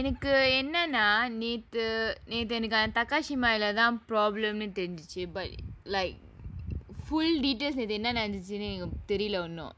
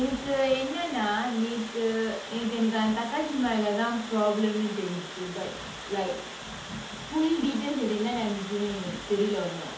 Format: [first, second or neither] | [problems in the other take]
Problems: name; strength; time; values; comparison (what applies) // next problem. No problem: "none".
first | background sound (Water); 11 dB below the speech // room echo; dies away in 0.6 s